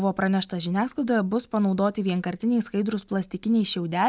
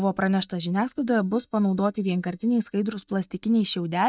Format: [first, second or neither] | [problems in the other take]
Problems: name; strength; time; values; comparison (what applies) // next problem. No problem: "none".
first | noise reduction (neural mask model DeepFilterNet 3)